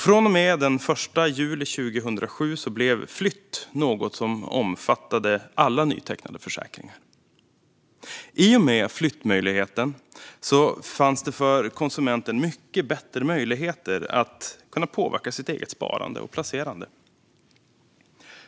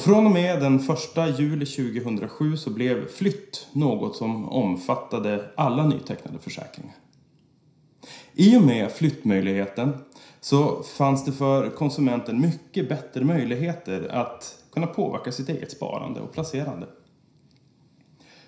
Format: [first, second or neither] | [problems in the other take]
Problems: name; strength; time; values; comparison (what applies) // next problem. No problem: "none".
first | room echo; dies away in 0.5 s